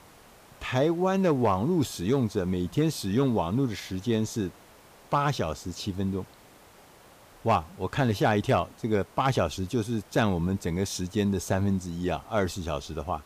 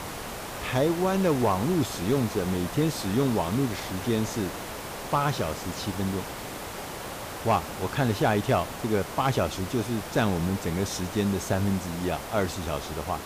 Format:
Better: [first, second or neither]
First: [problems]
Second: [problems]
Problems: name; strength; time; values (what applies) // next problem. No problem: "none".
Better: first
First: hiss; faint; throughout; 25 dB below the speech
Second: hiss; loud; throughout; 8 dB below the speech